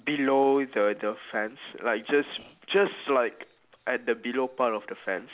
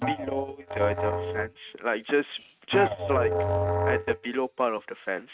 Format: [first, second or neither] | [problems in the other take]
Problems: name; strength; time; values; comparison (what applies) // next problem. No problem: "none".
first | noise reduction (neural mask model RNNoise)